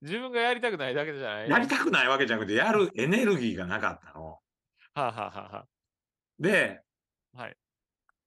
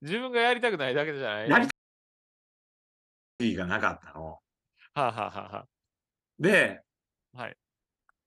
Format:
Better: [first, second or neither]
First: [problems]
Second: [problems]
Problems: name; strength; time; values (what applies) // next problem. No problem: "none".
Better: first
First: none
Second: audio cutting out; at 1.5 s for 1.5 s